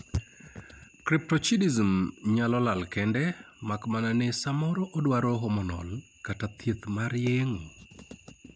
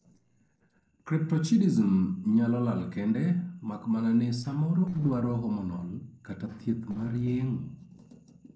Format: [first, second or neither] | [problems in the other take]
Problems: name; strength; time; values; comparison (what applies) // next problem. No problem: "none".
first | noise reduction (neural separator model SepFormer DNS4)